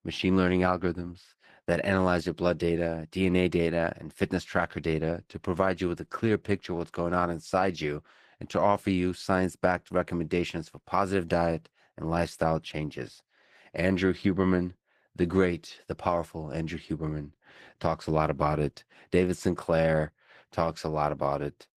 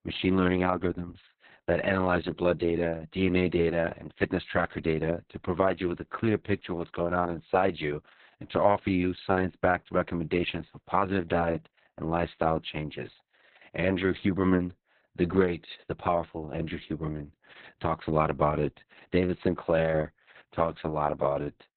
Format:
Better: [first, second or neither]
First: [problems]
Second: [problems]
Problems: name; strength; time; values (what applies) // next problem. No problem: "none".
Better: first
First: garbled, watery; slightly; nothing above 14.5 kHz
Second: garbled, watery; badly; nothing above 4 kHz